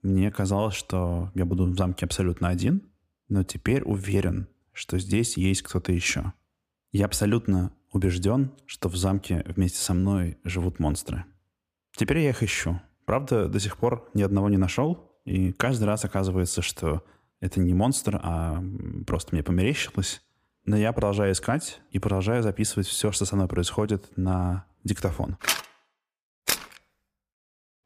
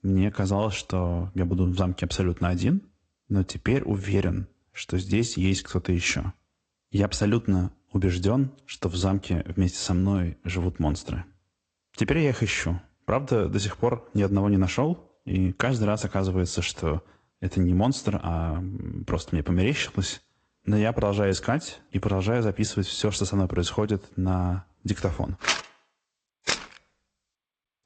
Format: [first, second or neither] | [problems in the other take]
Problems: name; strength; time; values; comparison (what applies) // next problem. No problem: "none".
first | garbled, watery; slightly; nothing above 8 kHz